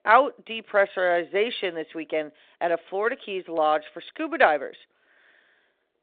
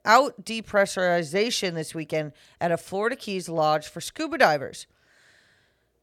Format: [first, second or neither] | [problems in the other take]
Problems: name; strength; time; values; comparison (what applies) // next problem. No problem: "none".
second | phone-call audio; nothing above 3.5 kHz